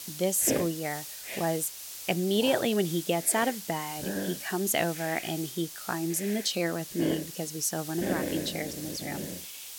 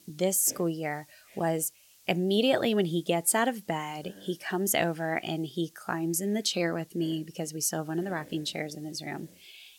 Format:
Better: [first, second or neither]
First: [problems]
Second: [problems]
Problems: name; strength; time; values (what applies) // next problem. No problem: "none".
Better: second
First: hiss; loud; throughout; 6 dB below the speech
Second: hiss; faint; throughout; 25 dB below the speech